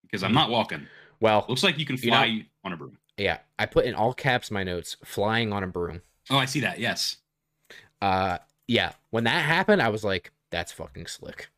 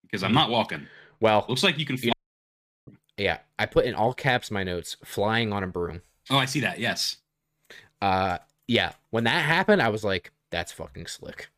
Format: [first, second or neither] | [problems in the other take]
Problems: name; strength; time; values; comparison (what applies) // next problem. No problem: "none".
first | audio cutting out; at 2 s for 0.5 s